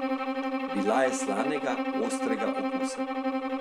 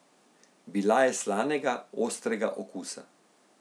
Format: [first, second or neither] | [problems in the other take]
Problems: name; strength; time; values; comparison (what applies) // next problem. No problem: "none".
second | background sound (Bowed string instrument); 2 dB above the speech